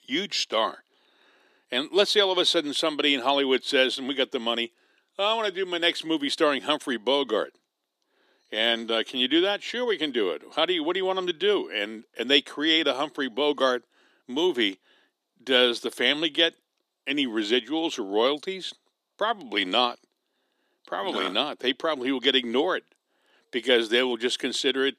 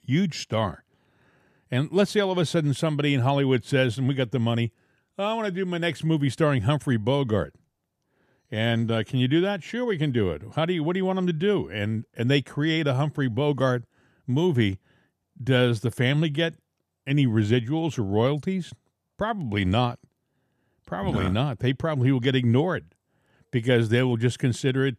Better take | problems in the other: second | thin; somewhat; fading below 300 Hz

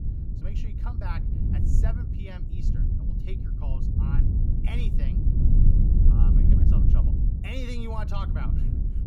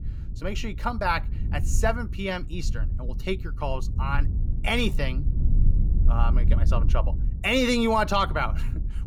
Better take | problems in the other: second | wind noise on the microphone; heavy; 1 dB above the speech; occasional gusts in the second

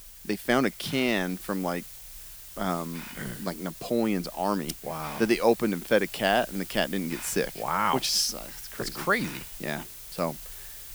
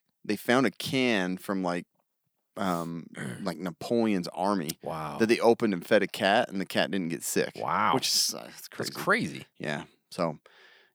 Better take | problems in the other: second | hiss; noticeable; throughout; 10 dB below the speech

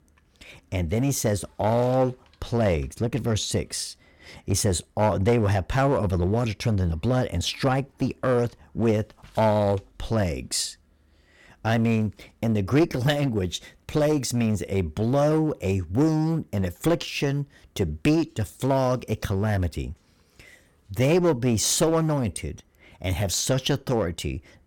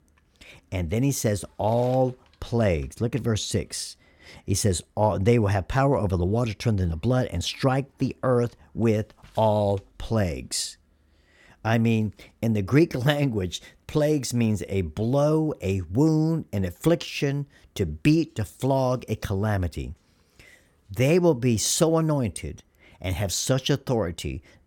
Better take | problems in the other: second | distortion; slight; 6% of the sound clipped

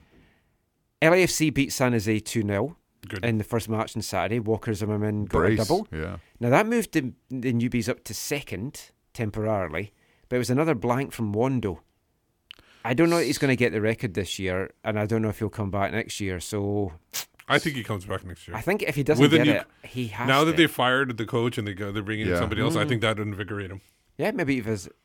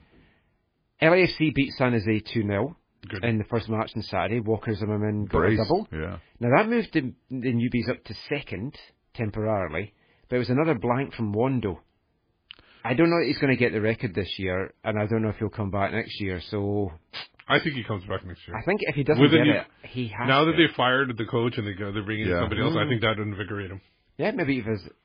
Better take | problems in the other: first | garbled, watery; badly; nothing above 5 kHz

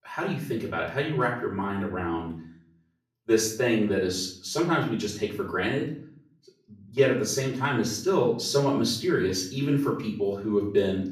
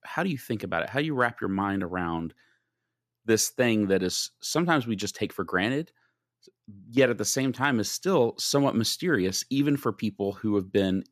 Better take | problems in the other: second | room echo; slight; dies away in 0.5 s // off-mic speech; far

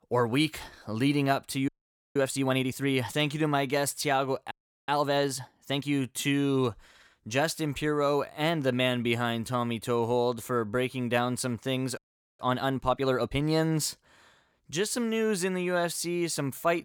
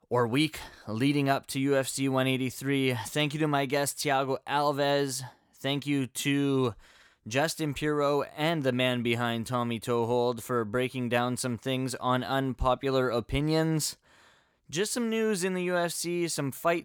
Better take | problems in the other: second | audio freezing; at 1.5 s, at 4.5 s and at 12 s

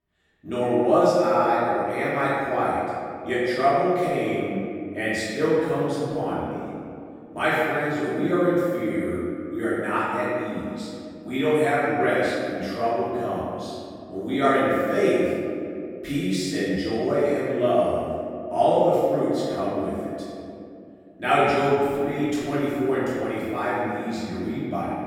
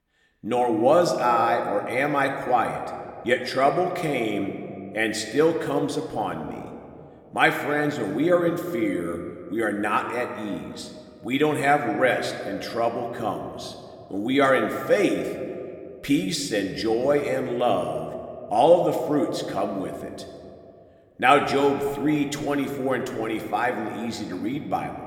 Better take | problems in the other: second | room echo; strong; dies away in 2.5 s; slight in the second // off-mic speech; far

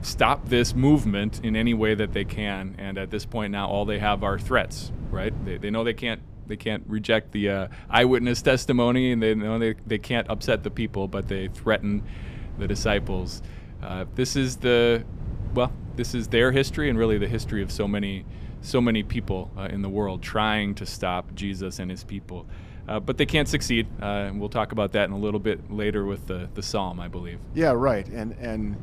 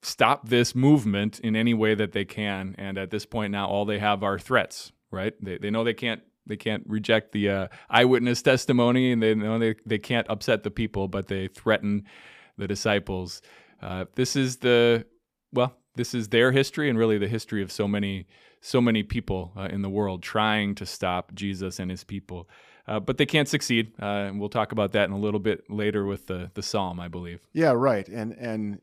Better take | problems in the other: second | wind noise on the microphone; occasional gusts; 20 dB below the speech

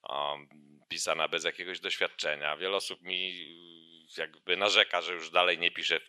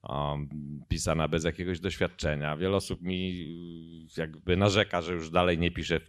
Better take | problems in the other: second | thin; very; fading below 600 Hz

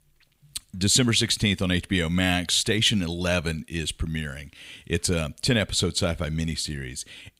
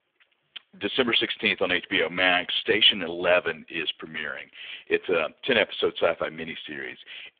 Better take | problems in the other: first | phone-call audio; poor line; nothing above 3.5 kHz

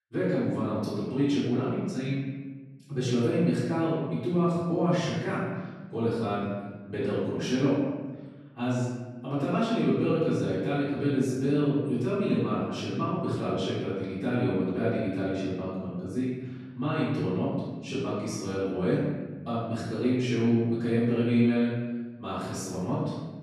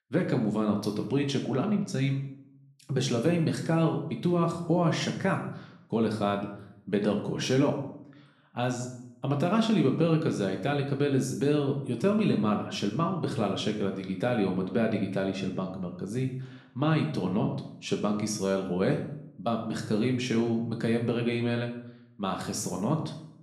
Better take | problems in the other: second | room echo; strong; dies away in 1.2 s; slight in the second // off-mic speech; far; somewhat distant in the second

